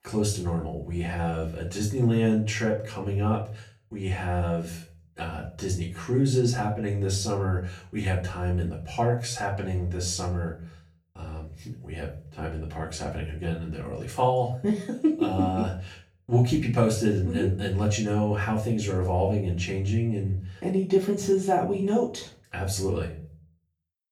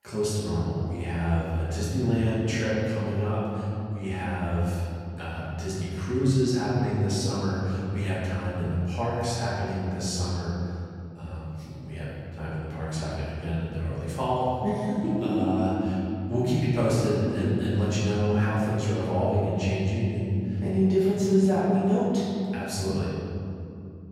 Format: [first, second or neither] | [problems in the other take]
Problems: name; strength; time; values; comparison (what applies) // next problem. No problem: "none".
first | room echo; strong; dies away in 3 s; slight in the first // off-mic speech; far; far in the first